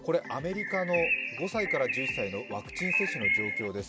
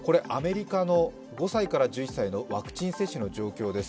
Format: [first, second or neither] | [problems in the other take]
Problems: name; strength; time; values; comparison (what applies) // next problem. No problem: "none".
second | background sound (Bird); as loud as the speech